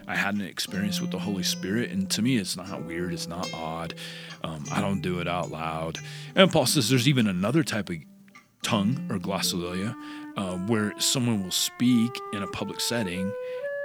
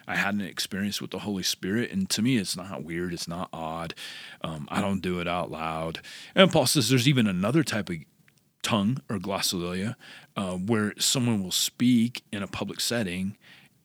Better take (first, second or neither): second